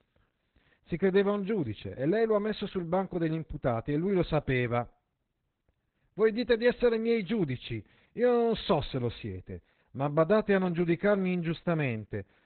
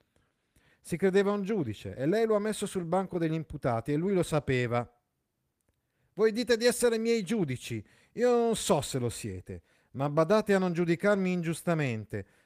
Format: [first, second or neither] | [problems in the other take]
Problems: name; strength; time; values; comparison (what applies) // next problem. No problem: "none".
second | garbled, watery; badly; nothing above 4 kHz; slightly in the second